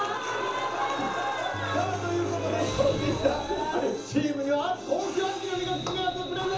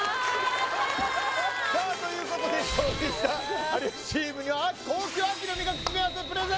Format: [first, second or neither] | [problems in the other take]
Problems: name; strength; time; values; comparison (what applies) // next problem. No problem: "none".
second | background sound (Engine); 10 dB below the speech // room echo; dies away in 0.7 s